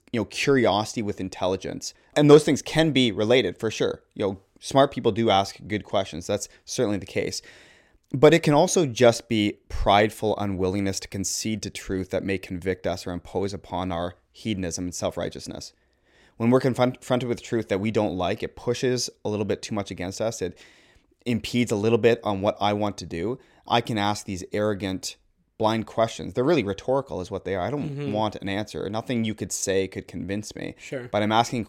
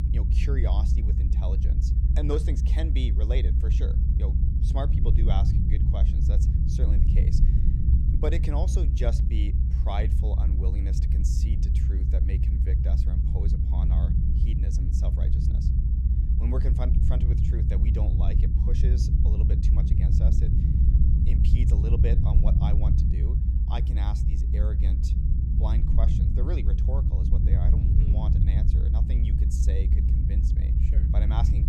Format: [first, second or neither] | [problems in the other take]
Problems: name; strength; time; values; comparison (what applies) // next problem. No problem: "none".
first | low rumble; loud; throughout; as loud as the speech